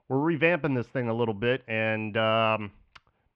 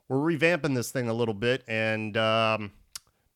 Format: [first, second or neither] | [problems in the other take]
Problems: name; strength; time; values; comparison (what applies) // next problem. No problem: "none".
second | muffled; very; fading above 2.5 kHz